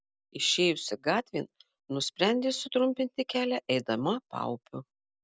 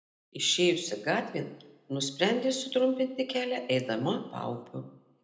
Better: first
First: none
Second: room echo; dies away in 0.7 s

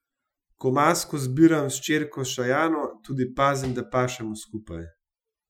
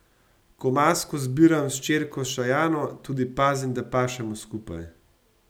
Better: second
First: noise reduction (classical method Wiener filter)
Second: none

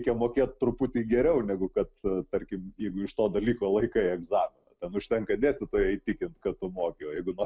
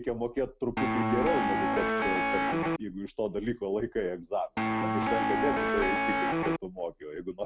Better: first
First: none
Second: background sound (Guitar); 5 dB above the speech

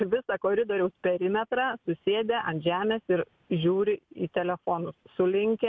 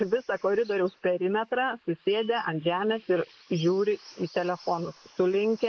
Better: first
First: none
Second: noise reduction (neural mask model Resemble Enhance denoiser)

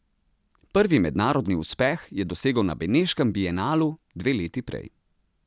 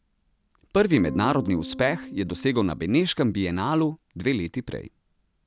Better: first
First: none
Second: background sound (Electric guitar / Strum); 12 dB below the speech

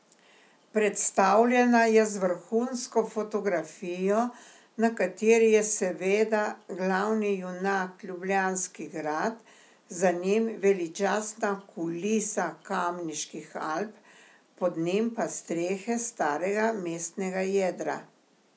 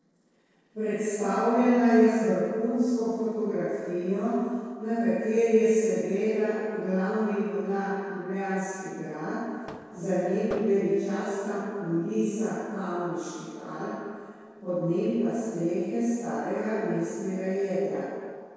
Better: first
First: none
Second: noise reduction (neural separator model SepFormer DNS4)

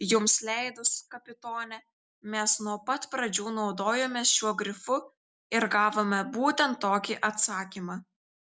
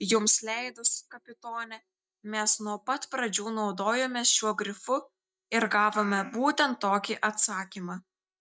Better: first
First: none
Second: noise reduction (neural mask model DeepFilterNet 3)

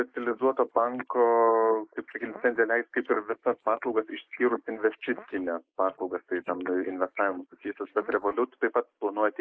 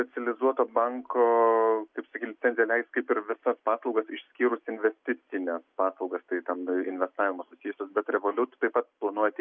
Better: second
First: noise reduction (neural mask model Resemble Enhance denoiser)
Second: none

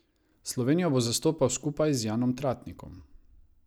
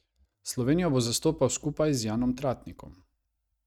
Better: first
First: none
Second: noise reduction (neural mask model RNNoise)

